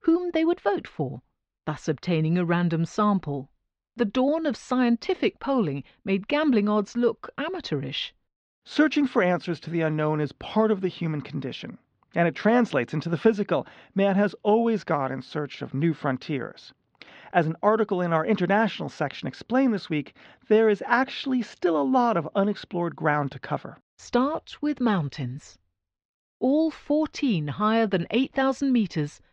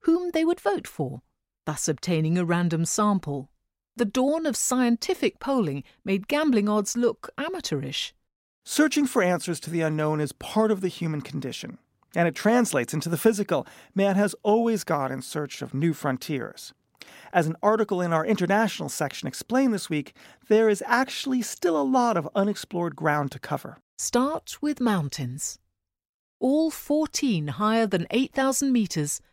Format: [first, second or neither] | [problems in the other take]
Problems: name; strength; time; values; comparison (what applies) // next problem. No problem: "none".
second | muffled; slightly; fading above 4 kHz